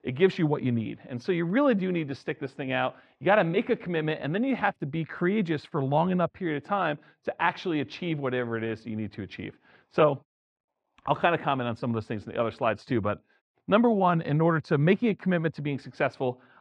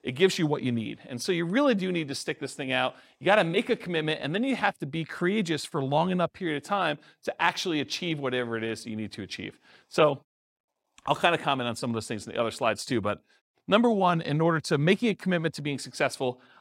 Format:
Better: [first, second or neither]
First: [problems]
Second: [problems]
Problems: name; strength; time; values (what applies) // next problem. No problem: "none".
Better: second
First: muffled; slightly; fading above 2 kHz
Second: none